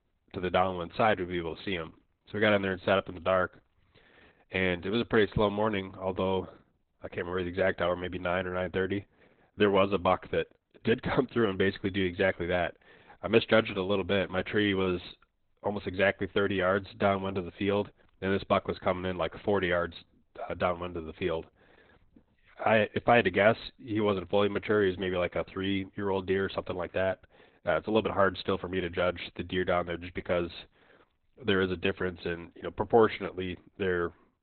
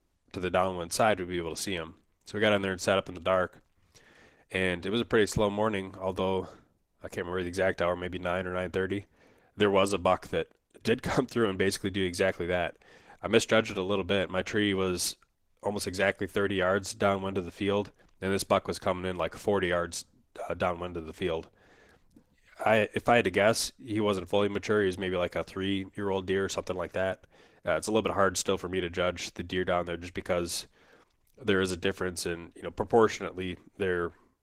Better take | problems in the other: second | garbled, watery; badly; nothing above 4 kHz; slightly in the second

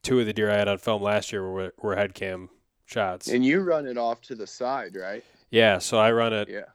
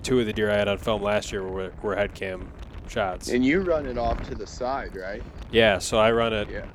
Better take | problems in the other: first | wind noise on the microphone; occasional gusts; 20 dB below the speech

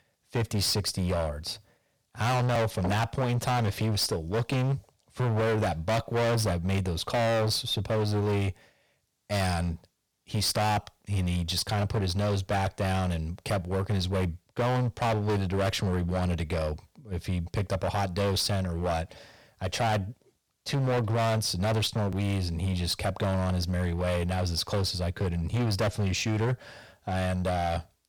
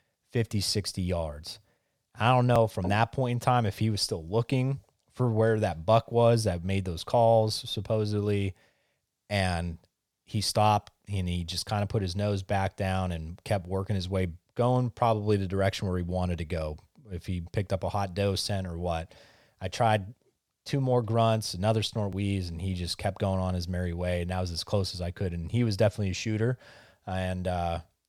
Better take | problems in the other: second | distortion; heavy; 21% of the sound clipped

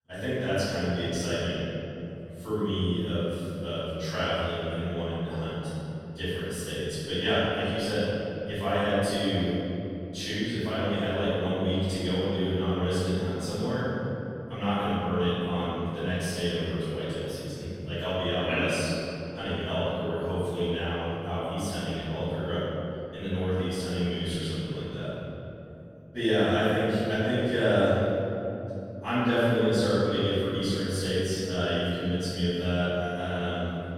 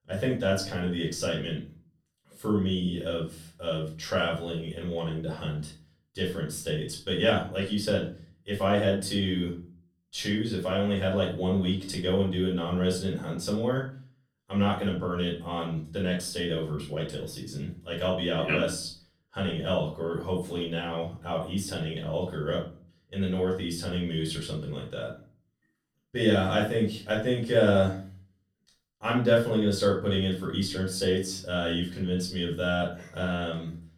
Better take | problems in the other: second | room echo; strong; dies away in 3 s; slight in the second // off-mic speech; far; far in the second

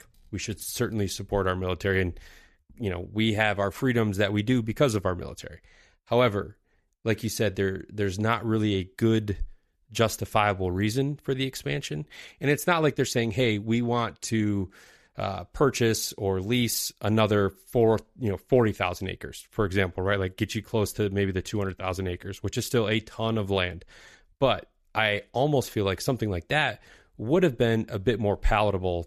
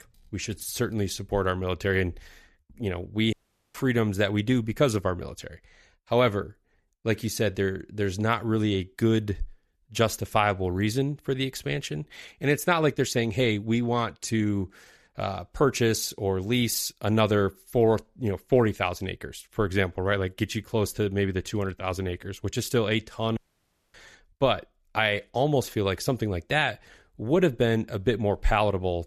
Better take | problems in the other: first | audio cutting out; at 3.5 s and at 23 s for 0.5 s

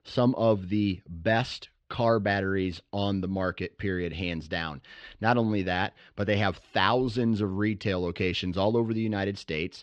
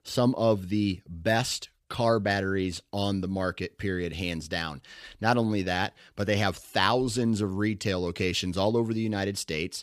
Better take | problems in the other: second | muffled; very slightly; fading above 4 kHz

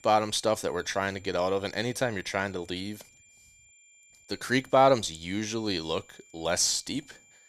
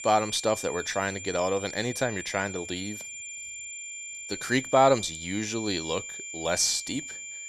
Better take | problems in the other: first | high-pitched whine; loud; throughout; 2.5 kHz, 9 dB below the speech; faint in the first

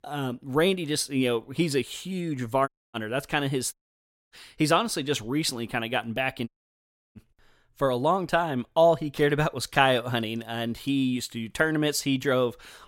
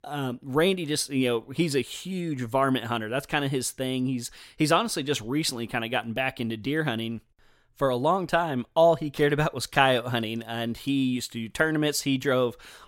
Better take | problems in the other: second | audio cutting out; at 2.5 s, at 3.5 s for 0.5 s and at 6.5 s for 0.5 s

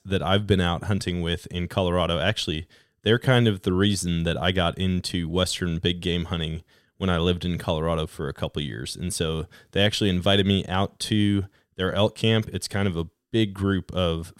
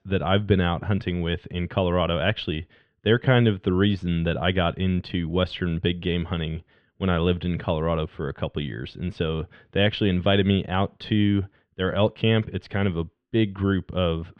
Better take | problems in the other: first | muffled; very; fading above 3 kHz

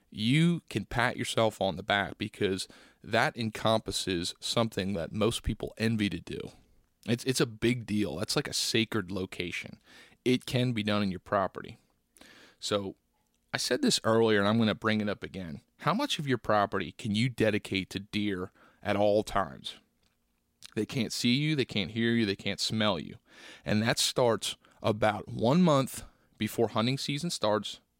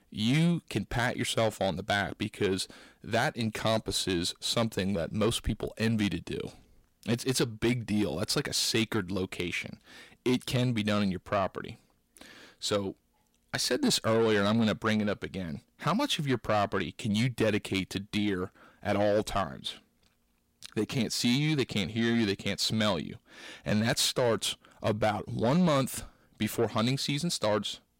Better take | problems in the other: first | distortion; slight; 10 dB below the speech

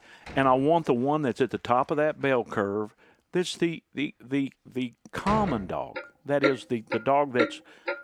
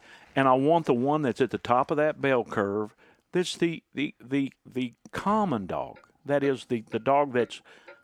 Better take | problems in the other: second | household noises; loud; throughout; 6 dB below the speech; faint in the second

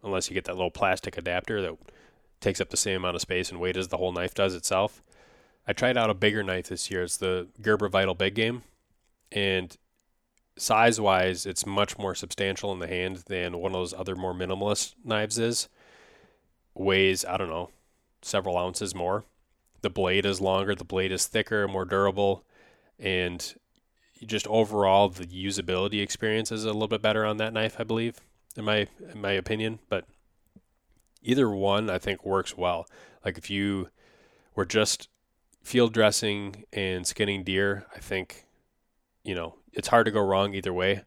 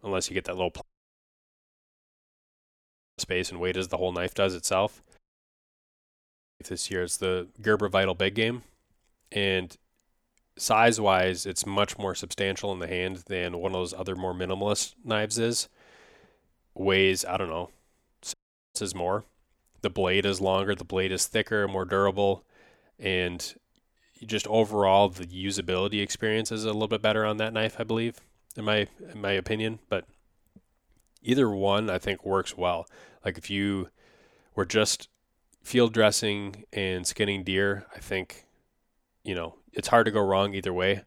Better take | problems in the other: first | audio cutting out; at 1 s for 2.5 s, at 5 s for 1.5 s and at 18 s

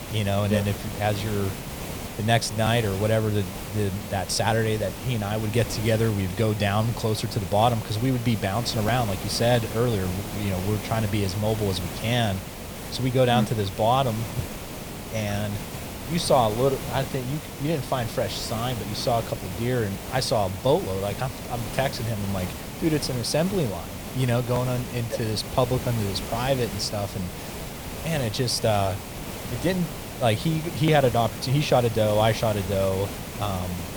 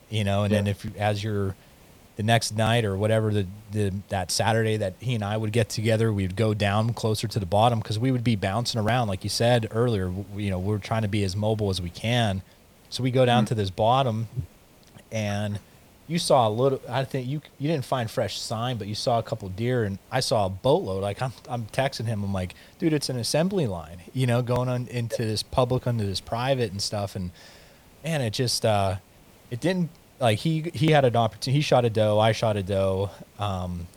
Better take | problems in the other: second | hiss; loud; throughout; 9 dB below the speech; faint in the second

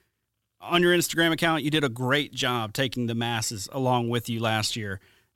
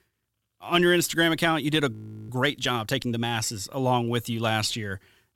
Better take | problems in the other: first | audio freezing; at 2 s

